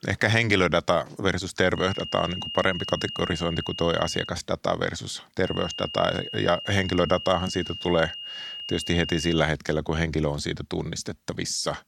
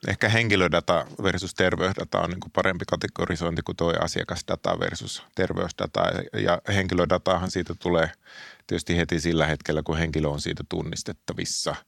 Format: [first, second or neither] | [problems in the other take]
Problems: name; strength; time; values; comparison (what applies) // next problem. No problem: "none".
second | high-pitched whine; loud; from 2 to 4.5 s and from 5.5 to 9.5 s; 3 kHz, 8 dB below the speech